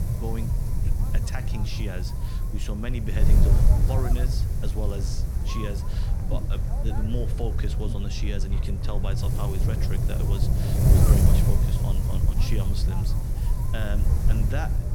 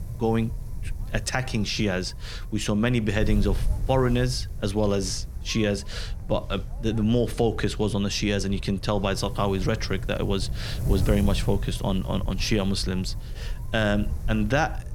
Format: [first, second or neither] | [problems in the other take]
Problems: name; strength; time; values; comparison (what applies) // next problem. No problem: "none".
second | wind noise on the microphone; heavy; as loud as the speech; occasional gusts in the second